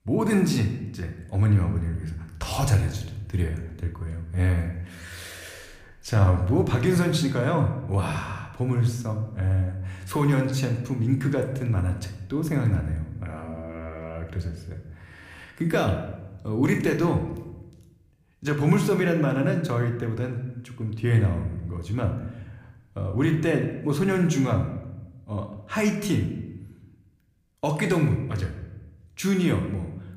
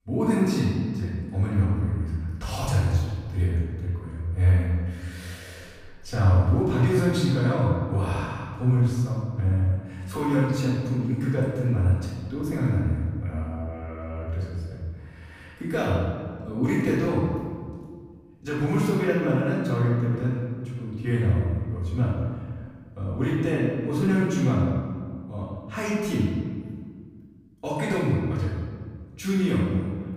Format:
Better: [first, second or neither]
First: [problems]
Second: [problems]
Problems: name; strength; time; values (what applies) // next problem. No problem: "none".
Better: first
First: room echo; slight; dies away in 0.8 s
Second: room echo; strong; dies away in 1.7 s // off-mic speech; far